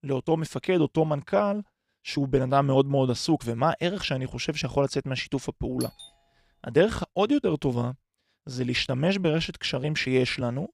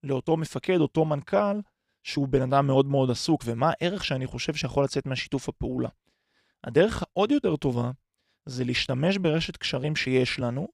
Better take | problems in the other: second | doorbell; faint; at 6 s; peak 15 dB below the speech

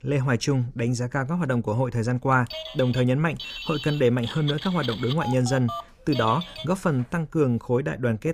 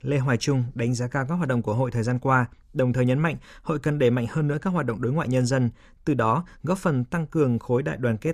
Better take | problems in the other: second | phone ringing; noticeable; from 2.5 to 6.5 s; peak 8 dB below the speech

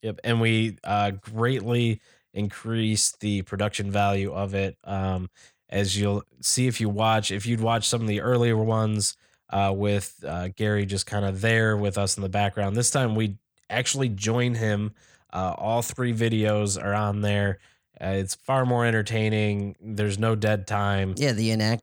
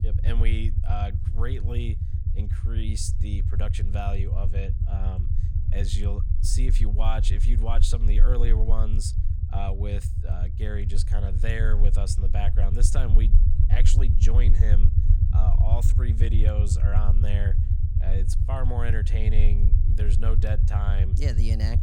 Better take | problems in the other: first | low rumble; loud; throughout; 5 dB below the speech

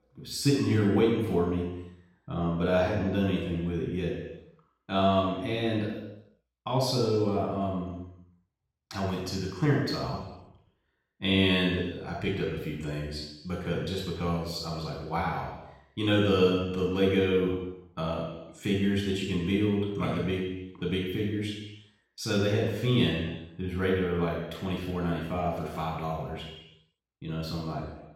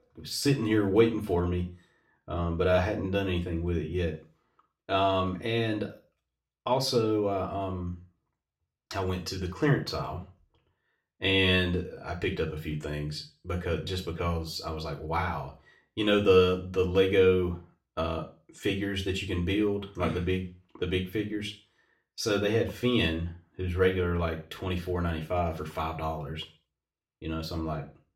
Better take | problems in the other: second | room echo; strong; dies away in 0.9 s; slight in the second // off-mic speech; far; somewhat distant in the second

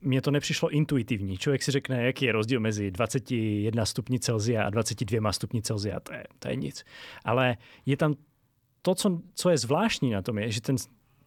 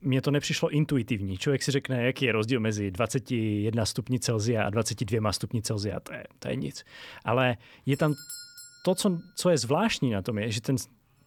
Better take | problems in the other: first | doorbell; faint; at 8 s; peak 10 dB below the speech

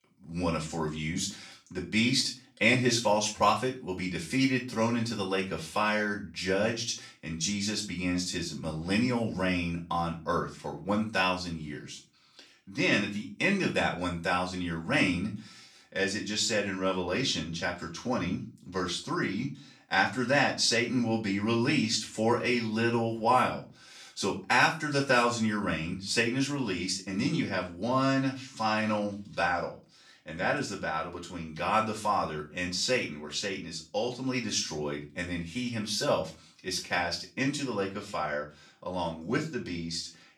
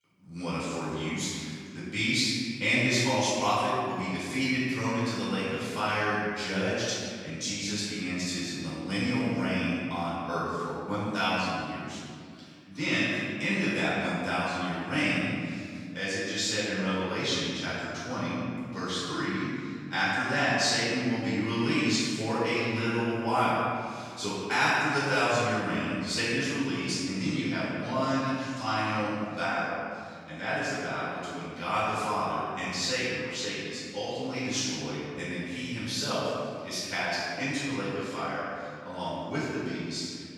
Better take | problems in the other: first | room echo; strong; dies away in 2 s; slight in the first // off-mic speech; far; far in the first

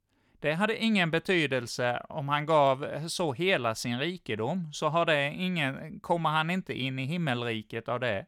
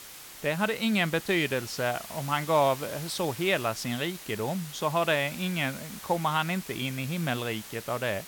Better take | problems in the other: first | hiss; noticeable; throughout; 10 dB below the speech

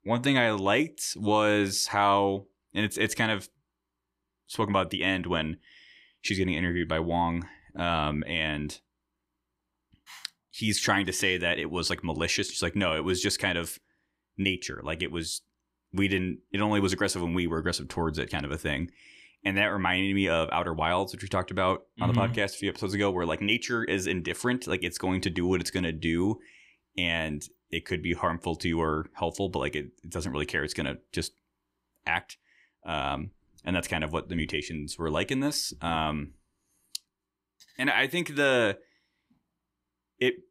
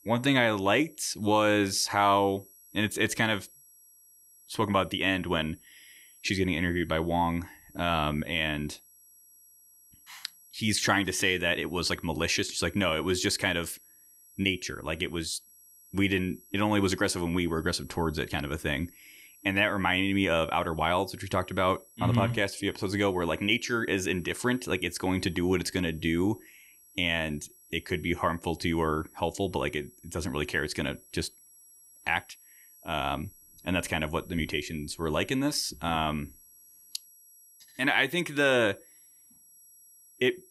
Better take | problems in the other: first | high-pitched whine; faint; throughout; 11.5 kHz, 25 dB below the speech

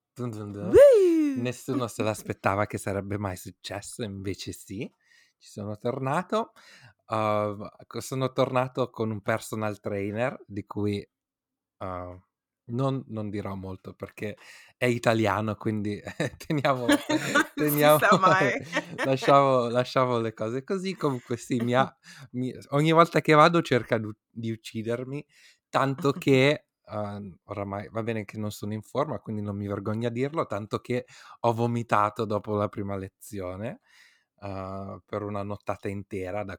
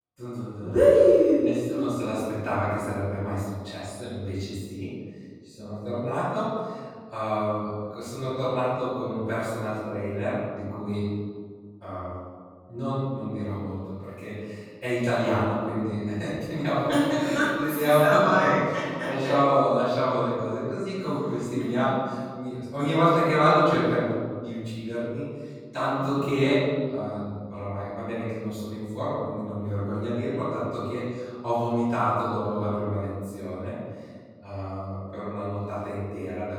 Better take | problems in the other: first | room echo; strong; dies away in 1.7 s // off-mic speech; far

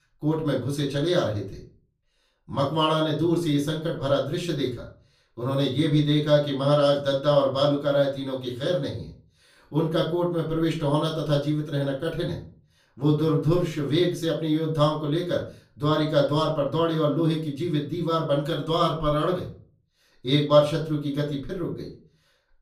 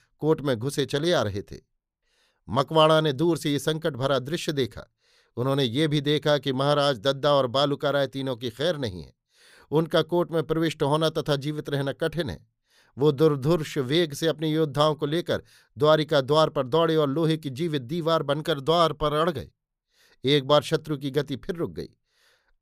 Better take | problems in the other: second | room echo; slight; dies away in 0.3 s // off-mic speech; far

